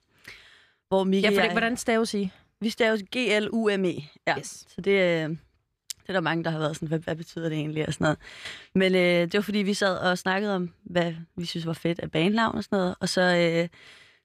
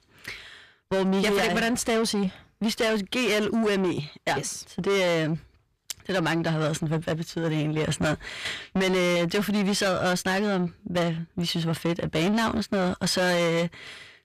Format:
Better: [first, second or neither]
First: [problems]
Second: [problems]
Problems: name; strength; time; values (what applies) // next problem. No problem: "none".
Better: first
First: none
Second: distortion; heavy; 7 dB below the speech